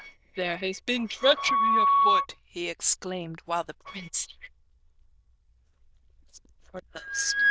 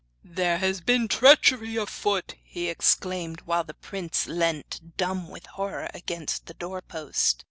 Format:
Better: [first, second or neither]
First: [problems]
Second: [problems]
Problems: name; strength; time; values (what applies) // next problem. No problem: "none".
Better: second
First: noise reduction (neural diffusion model UNIVERSE++)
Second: none